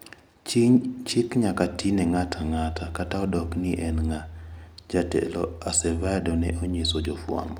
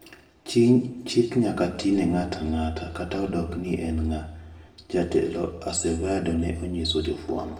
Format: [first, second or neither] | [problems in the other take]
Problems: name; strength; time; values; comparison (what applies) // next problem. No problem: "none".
first | room echo; dies away in 0.7 s